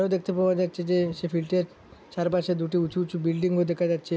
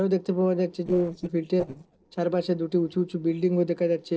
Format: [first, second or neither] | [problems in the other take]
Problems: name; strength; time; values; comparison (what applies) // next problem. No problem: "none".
first | noise reduction (neural separator model SepFormer DNS4)